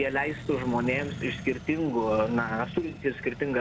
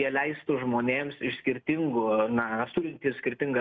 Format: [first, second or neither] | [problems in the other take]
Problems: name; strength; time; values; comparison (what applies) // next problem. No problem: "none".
second | background sound (Accelerating, revving, vroom); 11 dB below the speech